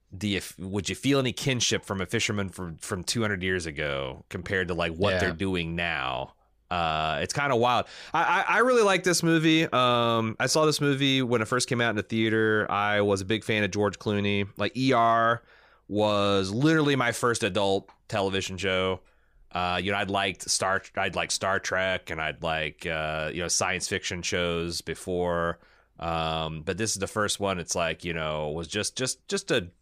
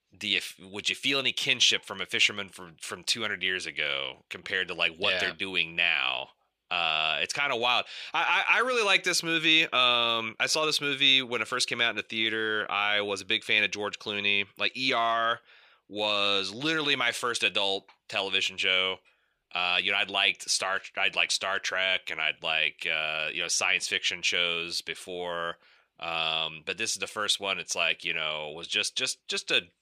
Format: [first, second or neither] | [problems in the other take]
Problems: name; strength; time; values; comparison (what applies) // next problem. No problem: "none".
first | thin; somewhat; fading below 1 kHz